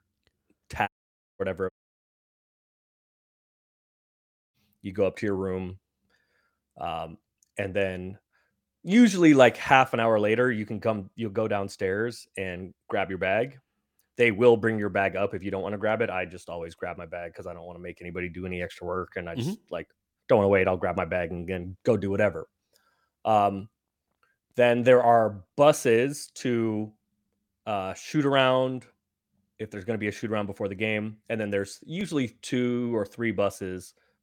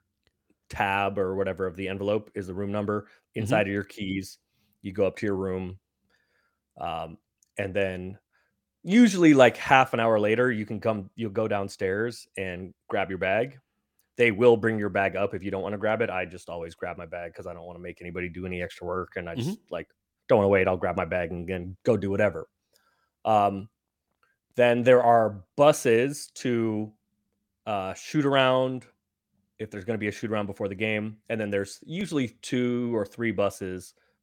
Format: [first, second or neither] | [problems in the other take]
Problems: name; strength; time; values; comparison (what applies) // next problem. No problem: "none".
second | audio cutting out; at 1 s for 0.5 s and at 1.5 s for 3 s